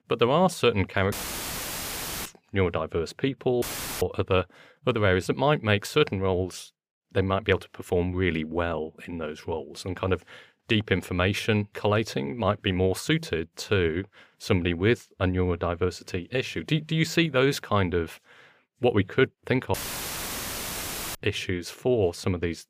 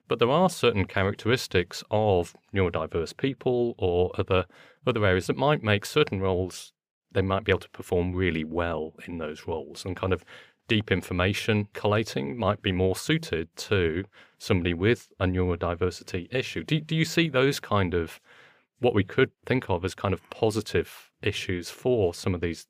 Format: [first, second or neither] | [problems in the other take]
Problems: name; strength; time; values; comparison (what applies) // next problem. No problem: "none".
second | audio cutting out; filled with static; at 1 s for 1 s, at 3.5 s and at 20 s for 1.5 s